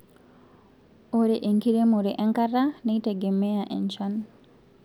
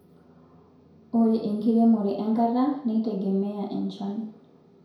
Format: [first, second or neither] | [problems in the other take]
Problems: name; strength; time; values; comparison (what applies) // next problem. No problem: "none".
first | room echo; dies away in 0.6 s